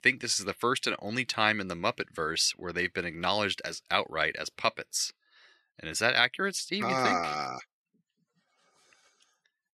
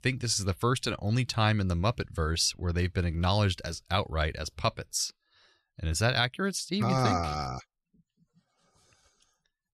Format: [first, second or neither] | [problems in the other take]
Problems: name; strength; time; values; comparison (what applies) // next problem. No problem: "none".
second | thin; somewhat; fading below 300 Hz